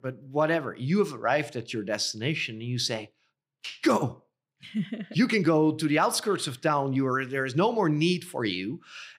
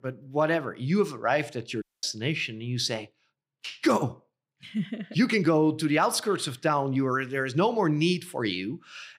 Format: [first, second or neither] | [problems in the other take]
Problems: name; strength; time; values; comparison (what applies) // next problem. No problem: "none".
first | audio cutting out; at 2 s